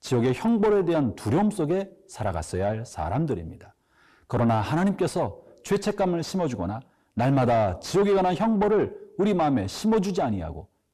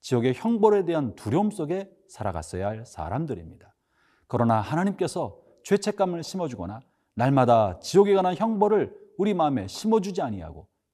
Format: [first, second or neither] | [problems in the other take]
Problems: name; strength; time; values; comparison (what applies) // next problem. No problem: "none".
second | distortion; heavy; 7 dB below the speech